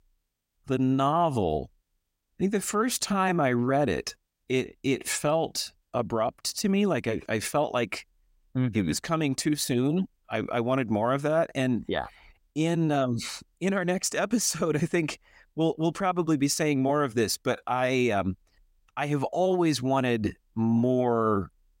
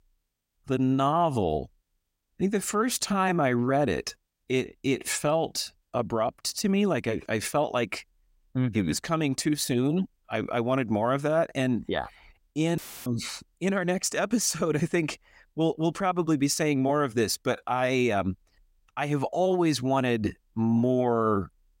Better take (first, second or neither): first